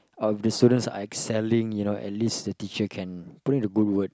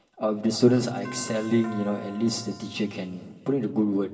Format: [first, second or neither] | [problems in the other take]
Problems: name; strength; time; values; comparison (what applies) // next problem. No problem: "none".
first | background sound (Doorbell); 18 dB below the speech // room echo; dies away in 2 s